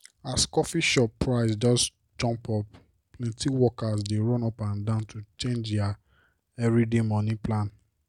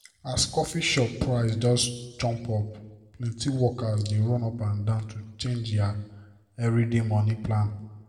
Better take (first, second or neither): first